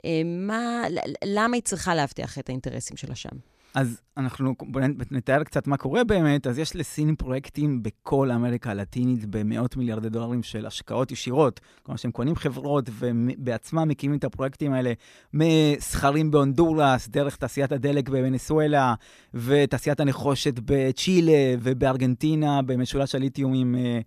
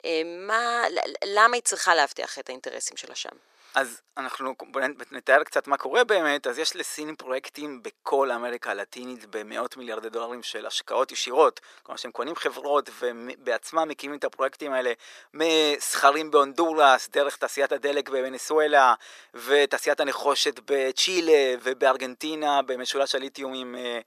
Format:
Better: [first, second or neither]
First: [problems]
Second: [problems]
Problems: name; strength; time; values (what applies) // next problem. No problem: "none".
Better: first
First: none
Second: thin; very; fading below 400 Hz